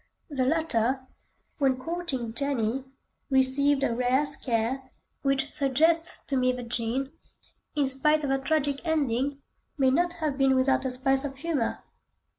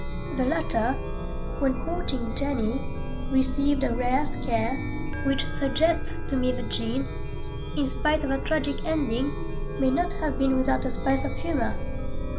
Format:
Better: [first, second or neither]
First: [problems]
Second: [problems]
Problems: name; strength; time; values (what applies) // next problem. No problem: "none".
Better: first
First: none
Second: background sound (Chime); as loud as the speech